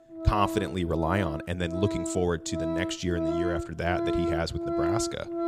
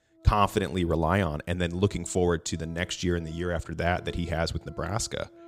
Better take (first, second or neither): second